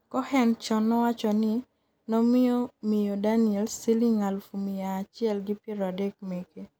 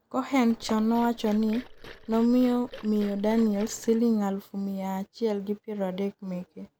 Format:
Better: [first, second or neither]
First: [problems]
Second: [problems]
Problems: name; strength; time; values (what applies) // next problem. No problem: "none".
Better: first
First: none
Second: background sound (Liquid); 18 dB below the speech